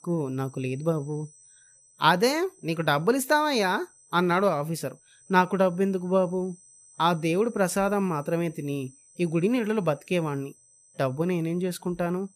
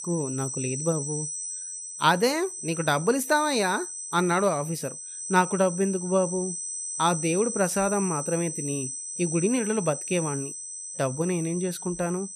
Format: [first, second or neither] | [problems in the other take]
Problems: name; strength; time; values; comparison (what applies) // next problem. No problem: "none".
first | high-pitched whine; loud; throughout; 8 kHz, 6 dB below the speech; faint in the first